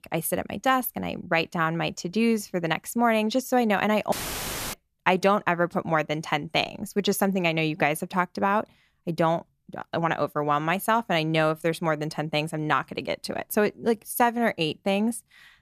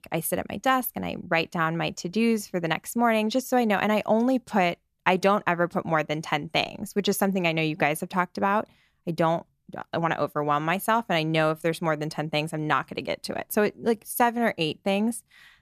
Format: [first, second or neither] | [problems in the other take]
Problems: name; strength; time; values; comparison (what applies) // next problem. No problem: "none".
second | audio cutting out; filled with static; at 4 s for 0.5 s